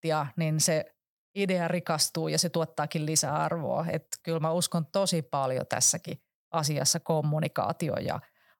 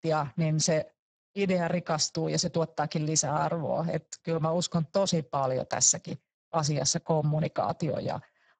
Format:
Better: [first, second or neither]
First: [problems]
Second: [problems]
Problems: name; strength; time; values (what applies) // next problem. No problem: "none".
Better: first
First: none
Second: garbled, watery; badly; nothing above 7.5 kHz